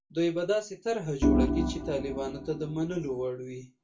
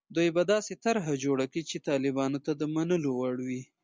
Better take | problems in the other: second | background sound (Organ); 2 dB above the speech // room echo; dies away in 0.2 s

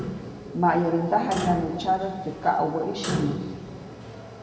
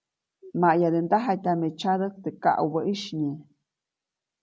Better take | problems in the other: second | background sound (Clock); 7 dB below the speech // room echo; dies away in 2.1 s

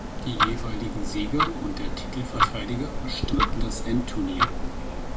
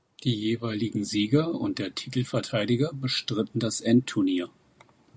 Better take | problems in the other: second | background sound (Tick-tock); 5 dB above the speech // room echo; dies away in 0.4 s

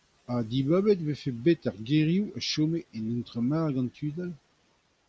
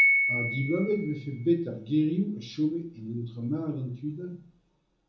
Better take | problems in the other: first | background sound (Piano); 2 dB below the speech // room echo; dies away in 0.9 s

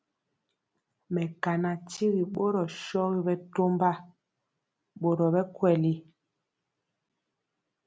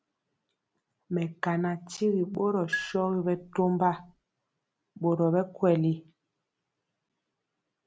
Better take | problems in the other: first | background sound (Marimba, xylophone); 9 dB below the speech

